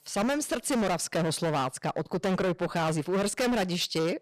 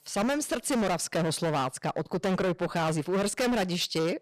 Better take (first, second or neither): neither